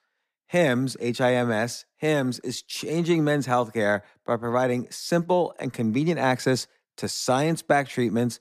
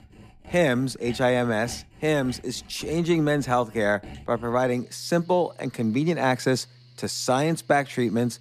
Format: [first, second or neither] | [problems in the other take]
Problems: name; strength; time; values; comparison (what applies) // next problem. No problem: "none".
first | machinery noise; faint; throughout; 25 dB below the speech